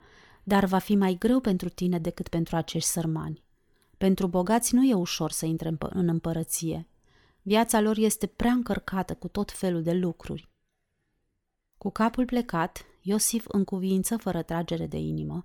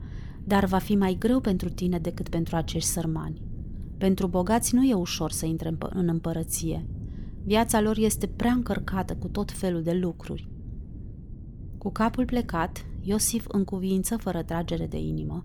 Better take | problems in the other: first | wind noise on the microphone; occasional gusts; 20 dB below the speech

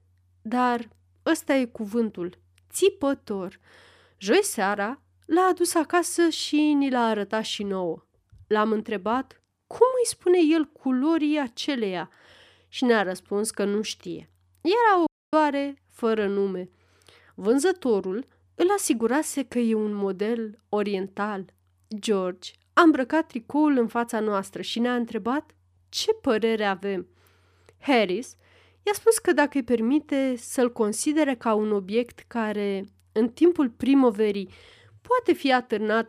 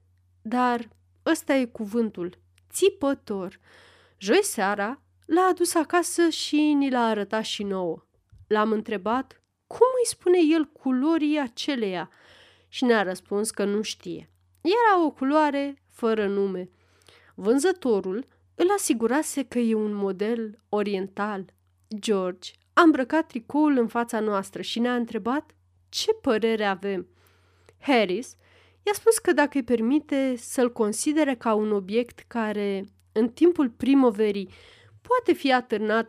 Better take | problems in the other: second | audio cutting out; at 15 s

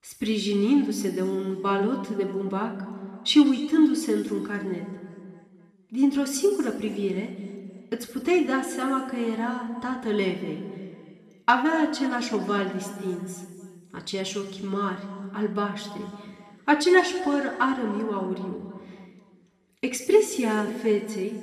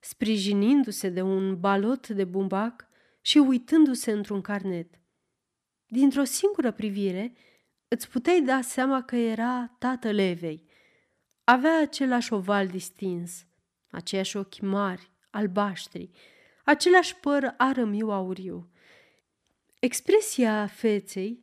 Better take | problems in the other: second | room echo; slight; dies away in 1.9 s // off-mic speech; somewhat distant

